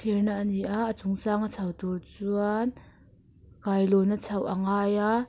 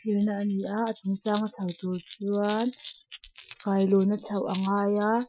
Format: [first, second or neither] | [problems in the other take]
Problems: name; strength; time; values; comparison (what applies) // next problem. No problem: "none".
first | noise reduction (classical method Wiener filter)